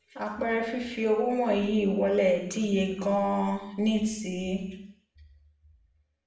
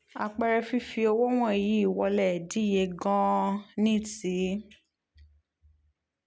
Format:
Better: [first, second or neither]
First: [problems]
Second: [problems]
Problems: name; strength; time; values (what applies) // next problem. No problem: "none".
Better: second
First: room echo; dies away in 0.7 s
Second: none